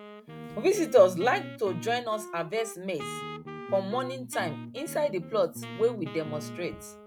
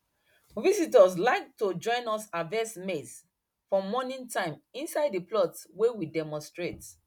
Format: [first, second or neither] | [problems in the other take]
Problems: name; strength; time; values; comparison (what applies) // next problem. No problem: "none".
second | background sound (Wind instrument, woodwind instrument + Bass guitar); 12 dB below the speech